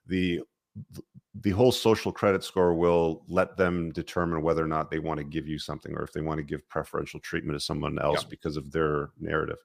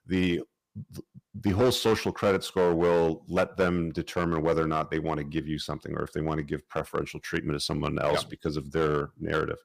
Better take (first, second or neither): first